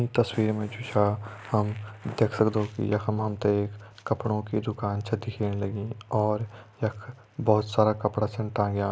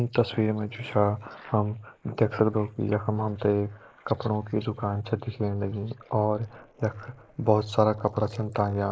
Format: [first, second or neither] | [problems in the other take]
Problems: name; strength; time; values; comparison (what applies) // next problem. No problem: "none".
first | noise reduction (neural mask model Resemble Enhance denoiser)